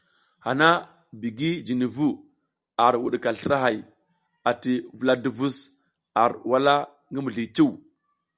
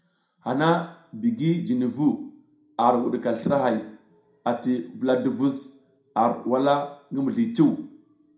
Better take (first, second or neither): first